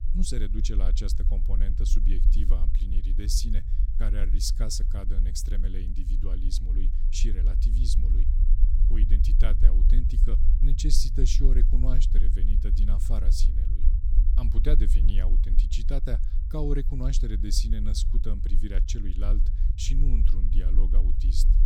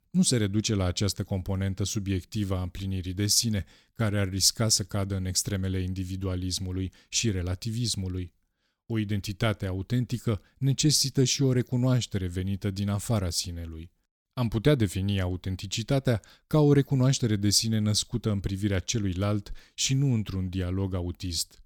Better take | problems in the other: second | low rumble; loud; throughout; 10 dB below the speech

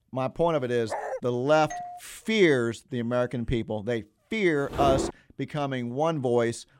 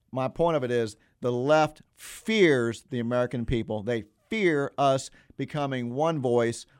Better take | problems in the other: second | dog barking; noticeable; at 1 s; peak 7 dB below the speech // doorbell; faint; at 1.5 s; peak 10 dB below the speech // footsteps; noticeable; at 4.5 s; peak 2 dB below the speech

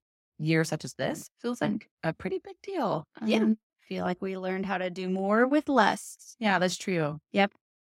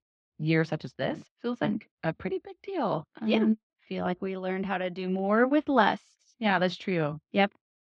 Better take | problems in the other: first | muffled; very slightly; fading above 4 kHz

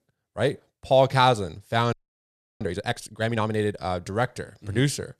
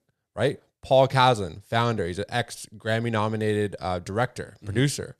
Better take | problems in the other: second | audio freezing; at 2 s for 0.5 s

